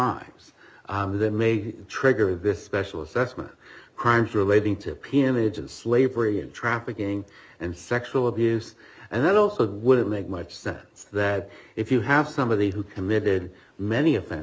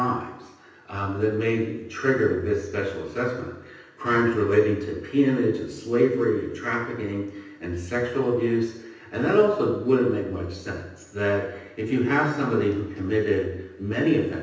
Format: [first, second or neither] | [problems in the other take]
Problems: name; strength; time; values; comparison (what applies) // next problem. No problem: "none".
first | room echo; dies away in 0.9 s